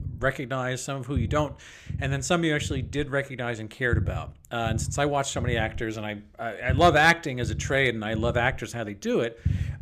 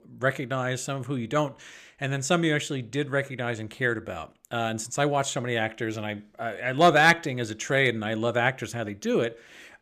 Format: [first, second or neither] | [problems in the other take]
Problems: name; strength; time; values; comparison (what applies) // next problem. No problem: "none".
second | low rumble; faint; throughout; 20 dB below the speech